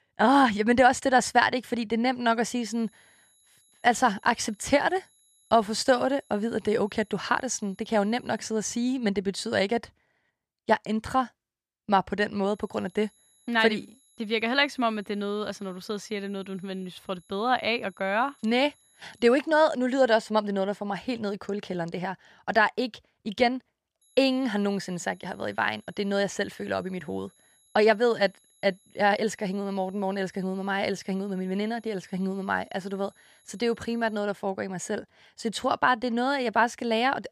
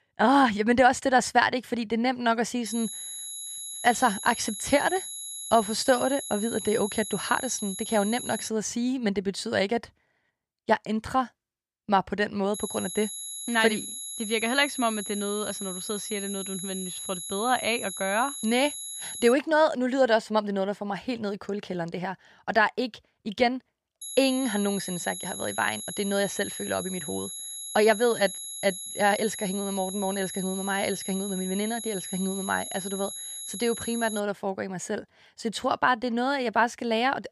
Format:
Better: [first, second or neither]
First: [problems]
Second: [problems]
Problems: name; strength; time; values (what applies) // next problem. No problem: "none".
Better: first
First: high-pitched whine; faint; from 2.5 to 8.5 s, from 13 to 19 s and from 24 to 34 s; 11 kHz, 35 dB below the speech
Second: high-pitched whine; loud; from 2.5 to 8.5 s, from 13 to 19 s and from 24 to 34 s; 11 kHz, 7 dB below the speech